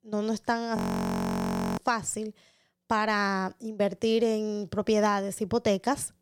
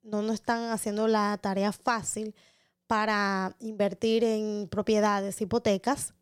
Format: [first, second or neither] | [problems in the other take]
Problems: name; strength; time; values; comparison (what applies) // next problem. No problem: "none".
second | audio freezing; at 1 s for 1 s